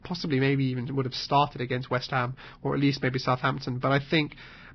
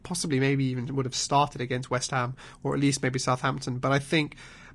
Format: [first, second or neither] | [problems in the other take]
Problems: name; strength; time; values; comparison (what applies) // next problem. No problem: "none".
second | garbled, watery; badly; nothing above 5.5 kHz; slightly in the second